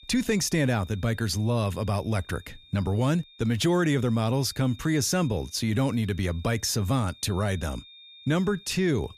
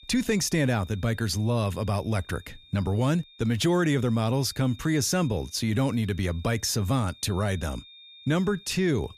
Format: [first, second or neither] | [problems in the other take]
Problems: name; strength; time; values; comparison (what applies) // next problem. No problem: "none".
neither | high-pitched whine; faint; throughout; 3.5 kHz, 25 dB below the speech; the same in both